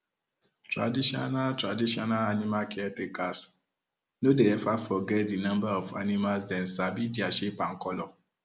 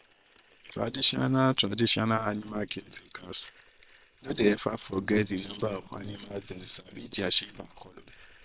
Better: first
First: none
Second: noise reduction (neural separator model SepFormer WHAM!)

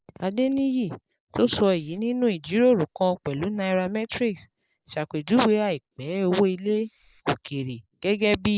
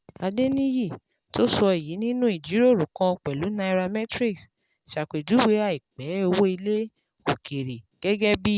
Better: second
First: noise reduction (neural mask model Resemble Enhance denoiser)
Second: none

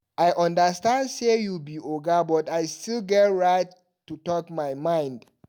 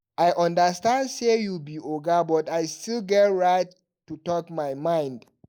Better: first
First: none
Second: noise reduction (neural mask model Resemble Enhance denoiser)

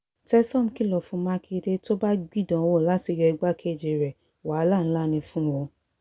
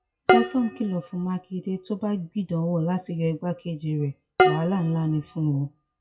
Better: first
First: none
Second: noise reduction (classical method WPE with log-MMSE)

